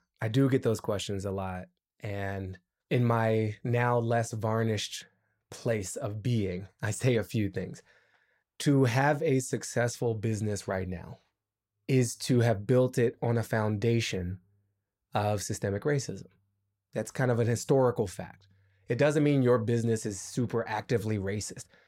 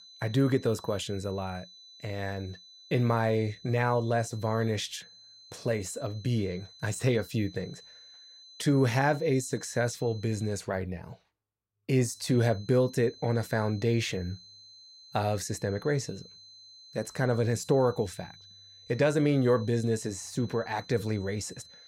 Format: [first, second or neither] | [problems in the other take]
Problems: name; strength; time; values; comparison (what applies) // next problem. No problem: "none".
first | high-pitched whine; faint; until 11 s and from 12 s on; 4 kHz, 20 dB below the speech